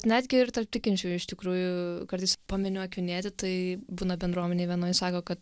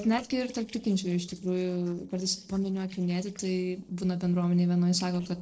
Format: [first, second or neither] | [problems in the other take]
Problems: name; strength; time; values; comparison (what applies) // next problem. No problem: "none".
first | noise reduction (neural separator model SepFormer DNS4)